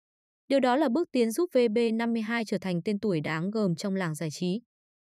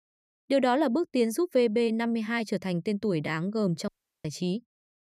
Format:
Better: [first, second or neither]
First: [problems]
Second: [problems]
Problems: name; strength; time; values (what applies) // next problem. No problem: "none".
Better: first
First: none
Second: audio cutting out; at 4 s